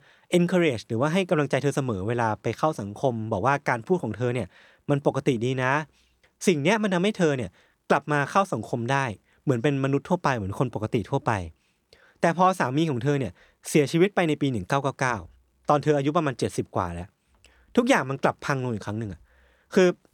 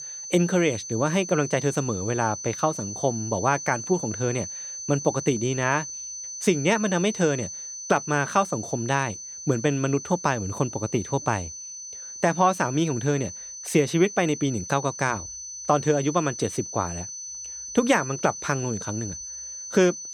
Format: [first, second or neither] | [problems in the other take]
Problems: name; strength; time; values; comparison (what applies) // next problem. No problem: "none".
first | high-pitched whine; loud; throughout; 6 kHz, 9 dB below the speech